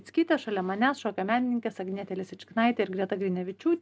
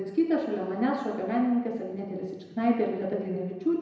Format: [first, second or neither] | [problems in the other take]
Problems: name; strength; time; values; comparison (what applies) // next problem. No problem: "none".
first | room echo; dies away in 1 s